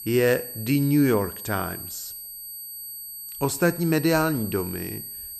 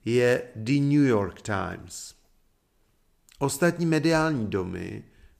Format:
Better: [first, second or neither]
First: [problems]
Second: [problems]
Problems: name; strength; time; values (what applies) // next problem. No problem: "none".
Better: second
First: high-pitched whine; noticeable; throughout; 12 kHz, 10 dB below the speech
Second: none